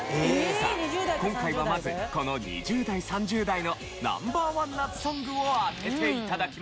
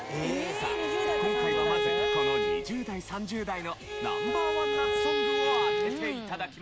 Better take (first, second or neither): first